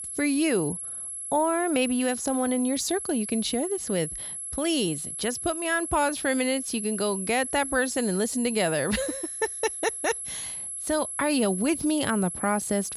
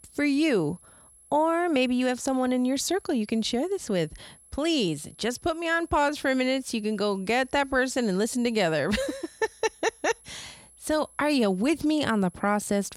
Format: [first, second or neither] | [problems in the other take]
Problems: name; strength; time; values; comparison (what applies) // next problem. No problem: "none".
second | high-pitched whine; loud; throughout; 11 kHz, 5 dB below the speech; faint in the second